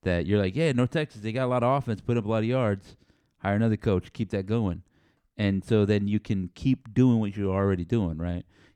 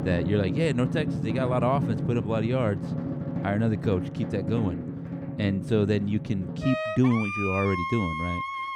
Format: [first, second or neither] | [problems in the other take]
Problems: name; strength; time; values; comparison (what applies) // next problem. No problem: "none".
first | background music; loud; throughout; 4 dB below the speech